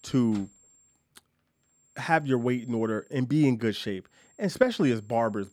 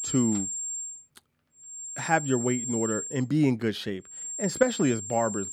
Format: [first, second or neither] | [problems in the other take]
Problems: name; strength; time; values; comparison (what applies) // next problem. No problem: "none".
first | high-pitched whine; loud; at the start, from 1.5 to 3 s and from 4 s on; 7.5 kHz, 5 dB below the speech; faint in the first